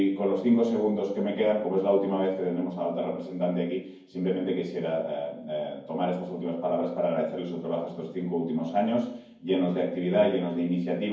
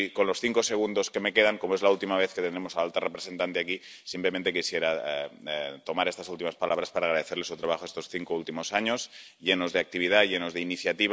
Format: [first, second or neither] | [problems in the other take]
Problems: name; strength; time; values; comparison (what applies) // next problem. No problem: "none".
second | room echo; dies away in 0.9 s